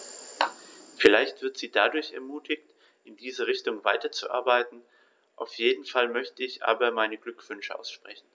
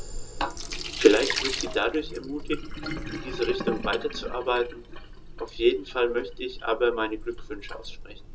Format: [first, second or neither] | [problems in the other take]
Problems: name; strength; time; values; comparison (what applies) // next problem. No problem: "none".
first | background sound (Sink (filling or washing)); 7 dB below the speech // room echo; dies away in 0.2 s